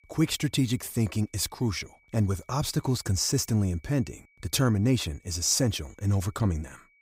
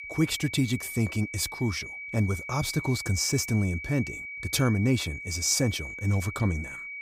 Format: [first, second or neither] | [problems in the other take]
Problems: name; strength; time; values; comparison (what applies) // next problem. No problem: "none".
first | high-pitched whine; loud; throughout; 2.5 kHz, 9 dB below the speech; faint in the first